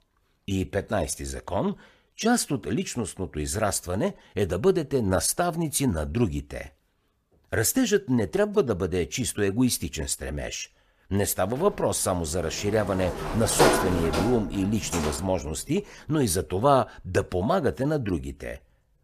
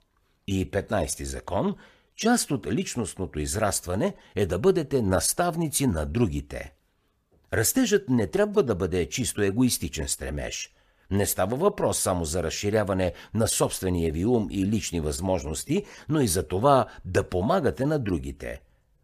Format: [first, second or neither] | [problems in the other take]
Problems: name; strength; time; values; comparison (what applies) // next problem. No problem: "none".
second | door banging; loud; from 13 to 15 s; peak 5 dB above the speech